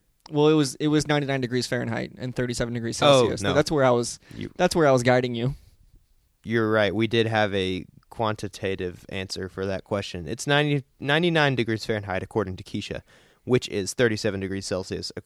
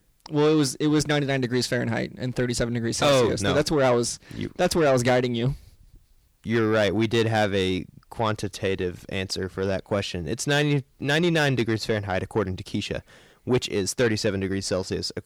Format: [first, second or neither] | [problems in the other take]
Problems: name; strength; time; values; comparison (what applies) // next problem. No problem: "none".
first | distortion; slight; 10 dB below the speech